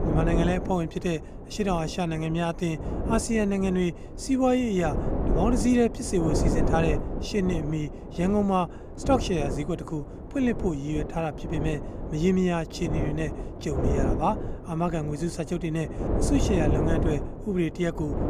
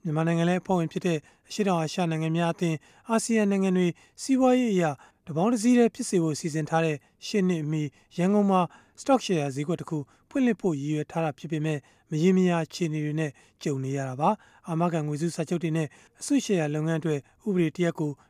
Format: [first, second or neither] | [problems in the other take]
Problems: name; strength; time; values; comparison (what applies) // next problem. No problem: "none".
second | wind noise on the microphone; heavy; 6 dB below the speech